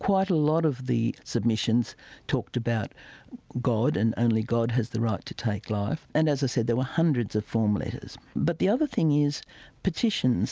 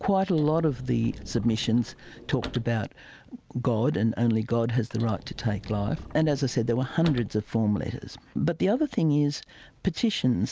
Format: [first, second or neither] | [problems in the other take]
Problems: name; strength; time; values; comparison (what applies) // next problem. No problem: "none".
first | background sound (Sliding door / Slam / Wood); 16 dB below the speech